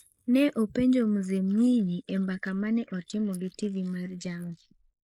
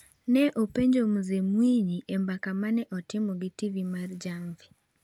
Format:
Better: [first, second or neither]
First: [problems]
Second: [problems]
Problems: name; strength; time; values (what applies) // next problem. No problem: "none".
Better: second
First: noise reduction (neural mask model Resemble Enhance denoiser)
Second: none